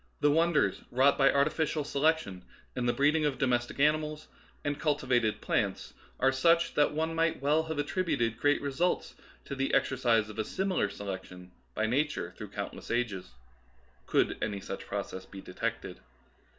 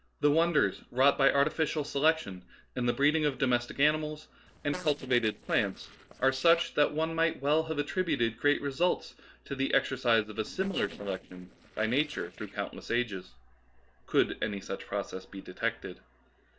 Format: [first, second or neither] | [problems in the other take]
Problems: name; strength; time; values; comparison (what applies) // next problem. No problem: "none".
first | noise reduction (neural separator model SepFormer DNS4)